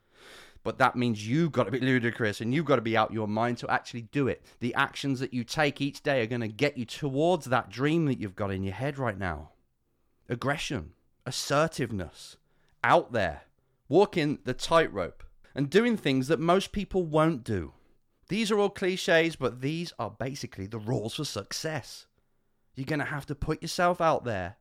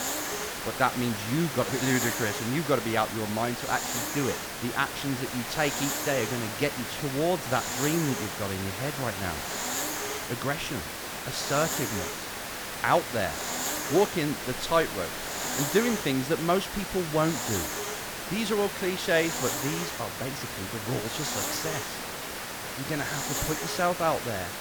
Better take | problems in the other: first | hiss; loud; throughout; 2 dB below the speech

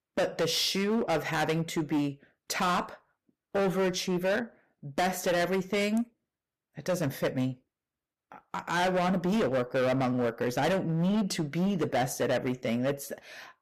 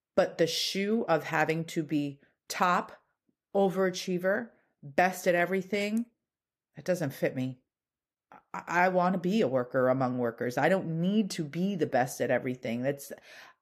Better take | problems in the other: second | distortion; heavy; 15% of the sound clipped

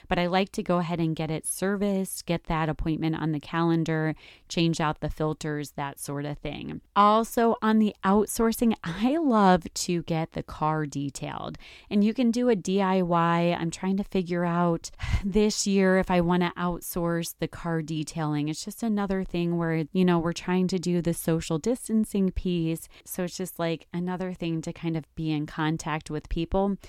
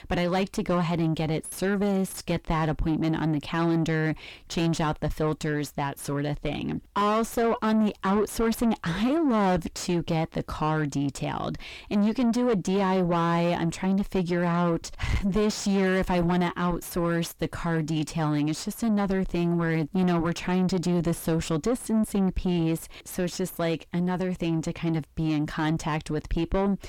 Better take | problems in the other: first | distortion; heavy; 6 dB below the speech

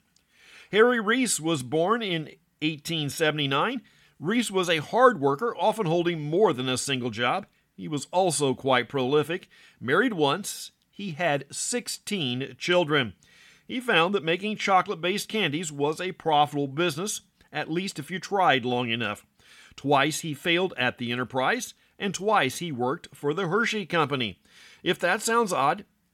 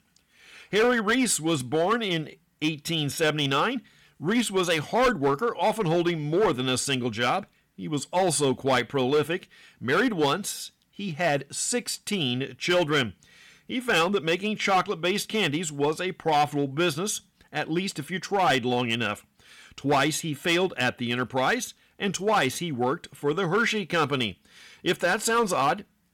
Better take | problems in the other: first | distortion; slight; 5% of the sound clipped

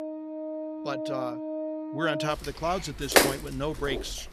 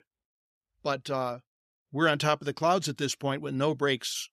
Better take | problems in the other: second | background music; very loud; throughout; 3 dB above the speech

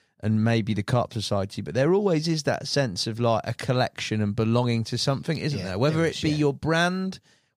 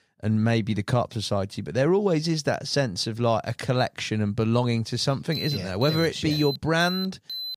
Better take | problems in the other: first | alarm; noticeable; from 5.5 s on; peak 6 dB below the speech

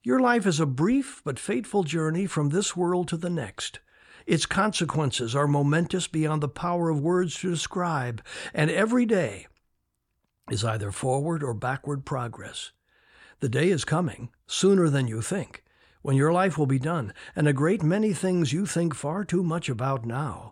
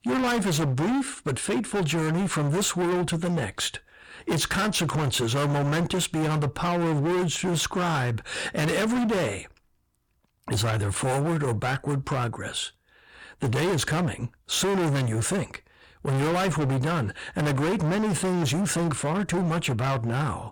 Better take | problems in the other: first | distortion; heavy; 32% of the sound clipped

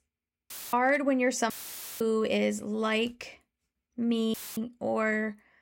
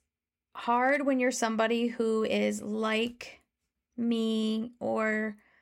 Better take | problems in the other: second | audio cutting out; filled with static; at 0.5 s, at 1.5 s for 0.5 s and at 4.5 s

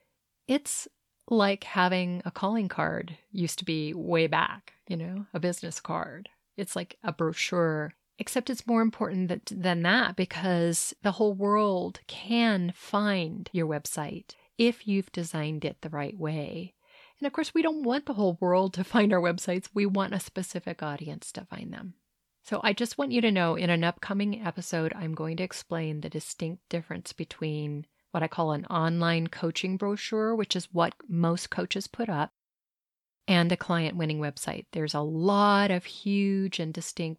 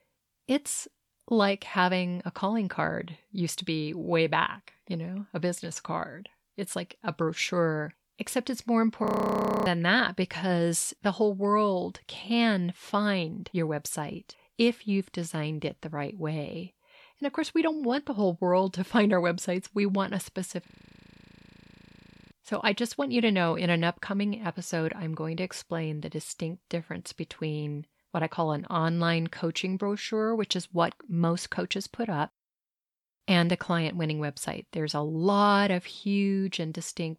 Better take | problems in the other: first | audio freezing; at 9 s for 0.5 s and at 21 s for 1.5 s

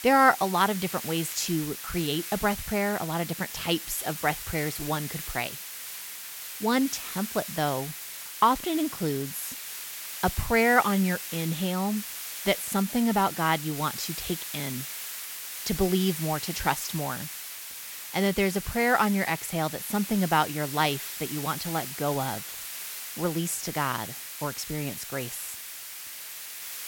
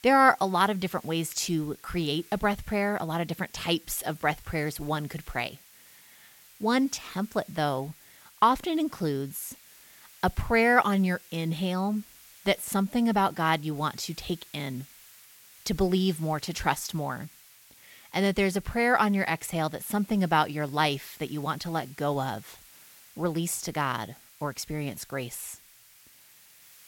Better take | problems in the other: second | hiss; loud; throughout; 7 dB below the speech; faint in the second

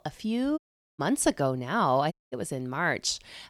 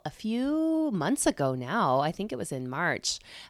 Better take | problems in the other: second | audio cutting out; at 0.5 s and at 2 s

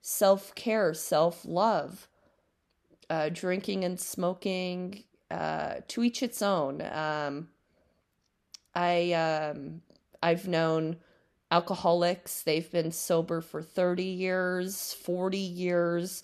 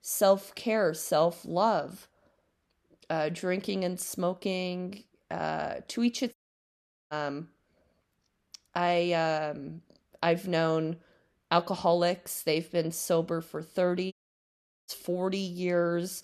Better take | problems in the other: first | audio cutting out; at 6.5 s for 1 s and at 14 s for 1 s

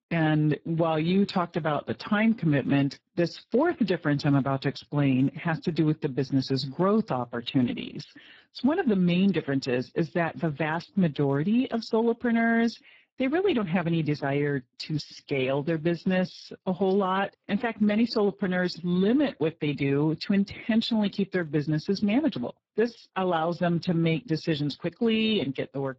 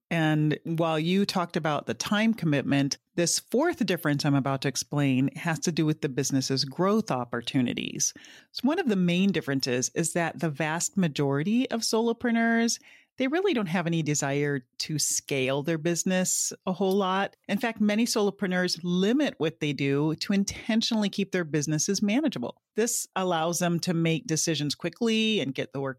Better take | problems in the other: second | garbled, watery; badly

